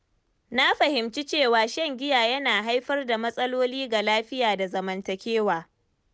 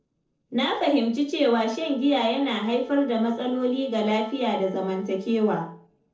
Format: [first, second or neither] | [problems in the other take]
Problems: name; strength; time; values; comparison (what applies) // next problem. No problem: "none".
first | noise reduction (neural separator model SepFormer DNS4)